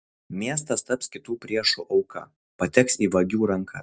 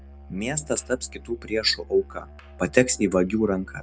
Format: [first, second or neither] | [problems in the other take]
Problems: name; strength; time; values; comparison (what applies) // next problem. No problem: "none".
first | background sound (Musical instrument); 19 dB below the speech